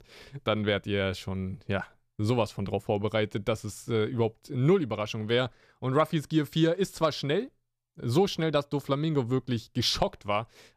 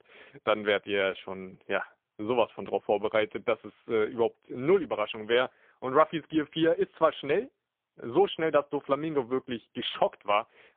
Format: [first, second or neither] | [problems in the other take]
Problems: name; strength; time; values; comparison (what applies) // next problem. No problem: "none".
first | phone-call audio; poor line; nothing above 3.5 kHz